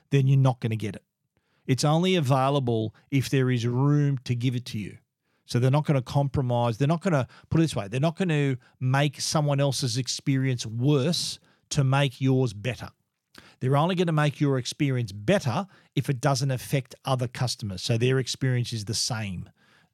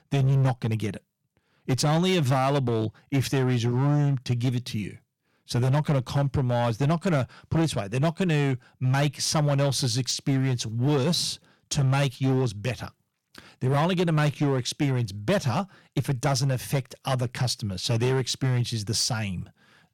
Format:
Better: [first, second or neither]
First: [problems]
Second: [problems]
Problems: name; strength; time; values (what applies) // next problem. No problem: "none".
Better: first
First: none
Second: distortion; slight; 10% of the sound clipped